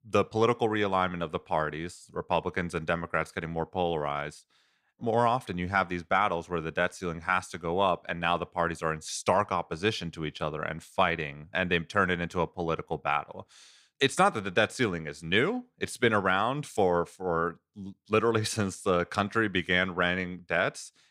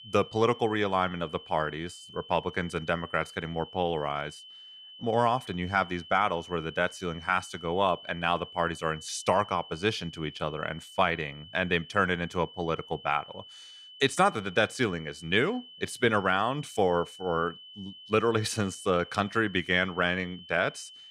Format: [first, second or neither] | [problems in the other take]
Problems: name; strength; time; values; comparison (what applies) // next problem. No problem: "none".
first | high-pitched whine; noticeable; throughout; 3 kHz, 15 dB below the speech